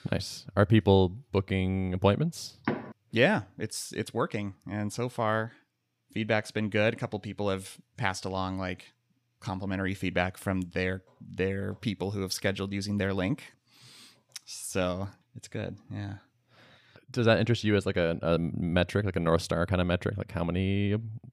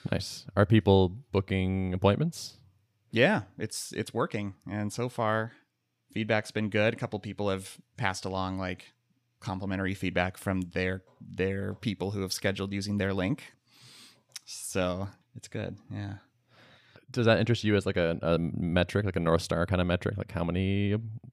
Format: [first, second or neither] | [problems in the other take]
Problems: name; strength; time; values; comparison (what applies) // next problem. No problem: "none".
second | door banging; noticeable; at 2.5 s; peak 5 dB below the speech